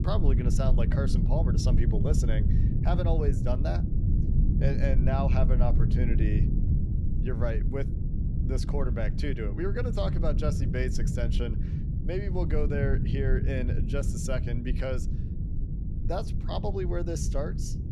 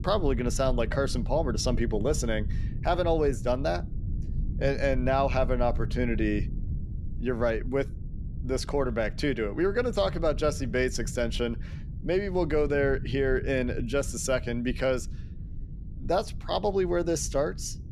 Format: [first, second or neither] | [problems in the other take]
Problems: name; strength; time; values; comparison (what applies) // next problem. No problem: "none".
second | low rumble; loud; throughout; 5 dB below the speech; faint in the second